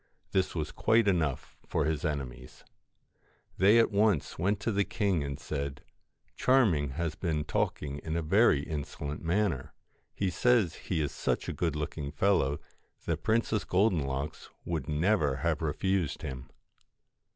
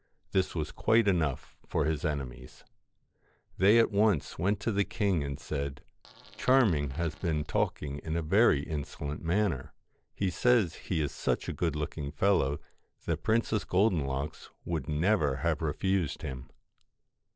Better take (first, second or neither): first